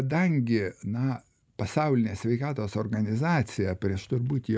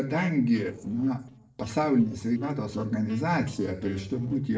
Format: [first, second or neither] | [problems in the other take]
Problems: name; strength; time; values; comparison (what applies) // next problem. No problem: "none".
first | noise reduction (neural separator model SepFormer DNS4)